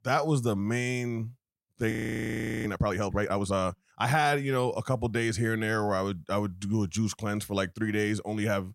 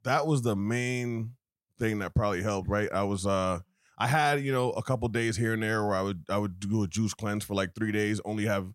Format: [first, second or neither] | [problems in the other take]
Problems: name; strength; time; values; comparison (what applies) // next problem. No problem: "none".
second | audio freezing; at 2 s for 0.5 s